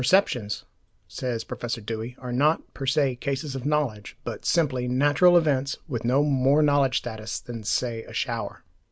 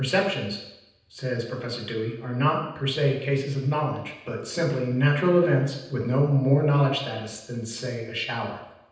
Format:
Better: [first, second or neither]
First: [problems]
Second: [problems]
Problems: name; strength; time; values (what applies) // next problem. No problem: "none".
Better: first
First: none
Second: room echo; dies away in 0.9 s